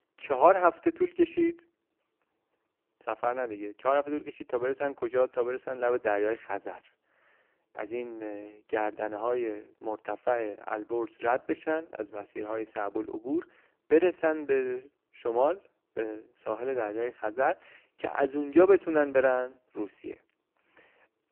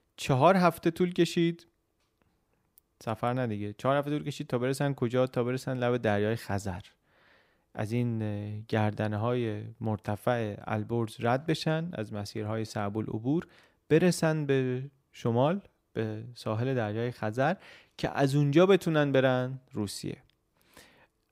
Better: second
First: phone-call audio; poor line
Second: none

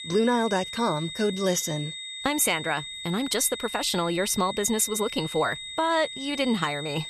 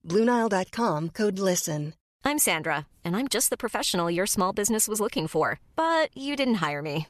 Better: second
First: high-pitched whine; loud; throughout; 3.5 kHz, 9 dB below the speech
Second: none

